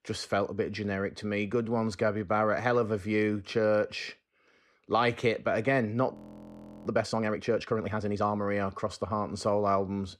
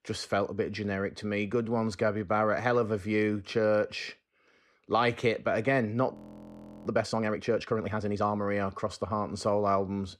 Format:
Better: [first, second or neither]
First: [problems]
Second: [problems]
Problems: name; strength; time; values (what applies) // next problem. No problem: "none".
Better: neither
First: audio freezing; at 6 s for 0.5 s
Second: audio freezing; at 6 s for 0.5 s